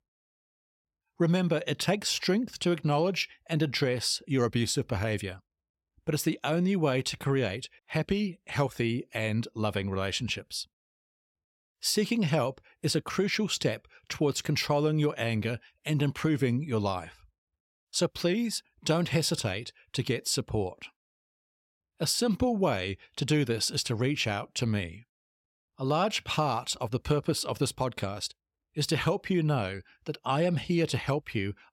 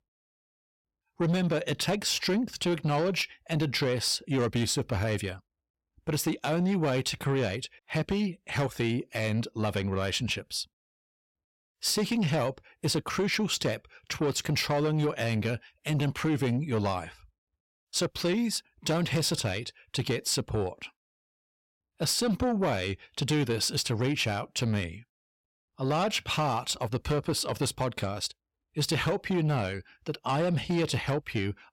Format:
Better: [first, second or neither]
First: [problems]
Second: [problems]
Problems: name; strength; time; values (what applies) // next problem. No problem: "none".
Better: first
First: none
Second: distortion; slight; 10 dB below the speech